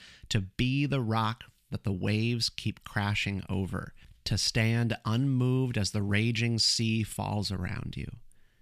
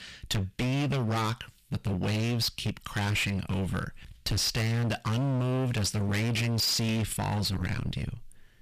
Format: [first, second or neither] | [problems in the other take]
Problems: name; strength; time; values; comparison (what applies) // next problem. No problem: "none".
first | distortion; heavy; 31% of the sound clipped